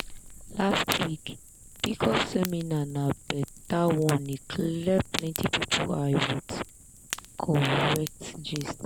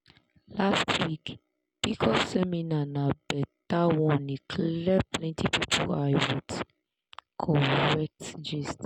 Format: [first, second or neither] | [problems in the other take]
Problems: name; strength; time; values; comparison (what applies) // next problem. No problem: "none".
second | background sound (Fire); 15 dB below the speech